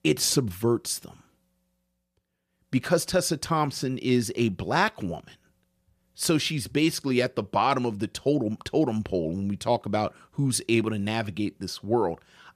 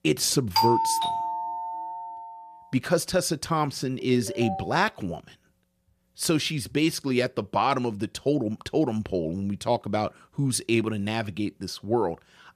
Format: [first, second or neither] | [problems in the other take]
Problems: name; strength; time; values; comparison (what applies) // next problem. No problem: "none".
first | doorbell; loud; from 0.5 to 2 s; peak 4 dB above the speech // phone ringing; noticeable; at 4 s; peak 8 dB below the speech